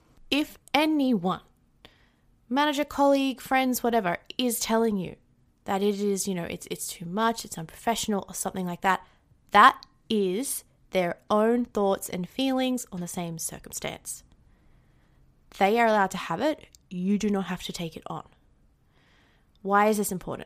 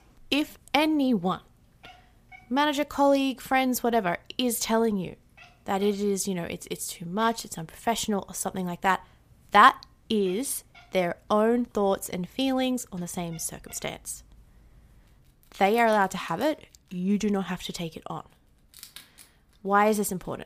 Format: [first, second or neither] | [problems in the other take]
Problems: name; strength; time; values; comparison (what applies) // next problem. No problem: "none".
first | animal sounds; faint; throughout; 30 dB below the speech